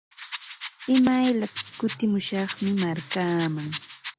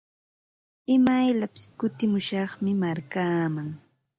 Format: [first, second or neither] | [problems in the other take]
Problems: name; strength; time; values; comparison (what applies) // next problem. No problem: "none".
second | background sound (Rattle); 13 dB below the speech